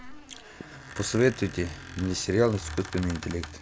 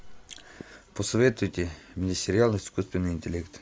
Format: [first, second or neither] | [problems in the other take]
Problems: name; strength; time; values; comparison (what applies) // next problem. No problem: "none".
second | background sound (Squeak); 13 dB below the speech